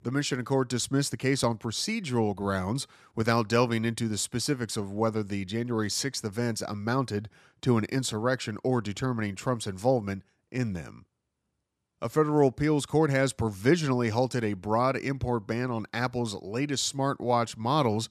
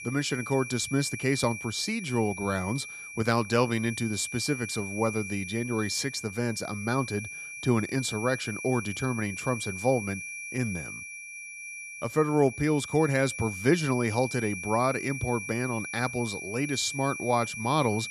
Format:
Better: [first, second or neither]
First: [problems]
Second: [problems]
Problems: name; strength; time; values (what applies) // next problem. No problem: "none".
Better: first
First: none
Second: high-pitched whine; loud; throughout; 2.5 kHz, 8 dB below the speech